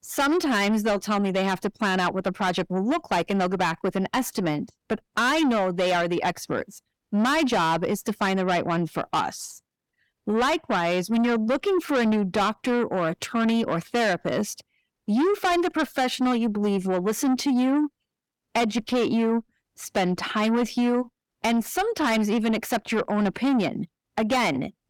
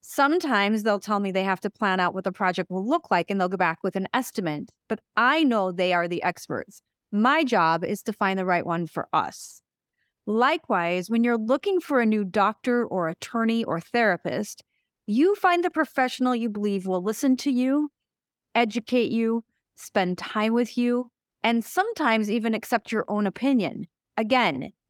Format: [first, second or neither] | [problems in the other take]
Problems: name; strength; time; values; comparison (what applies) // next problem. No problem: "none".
second | distortion; heavy; 8 dB below the speech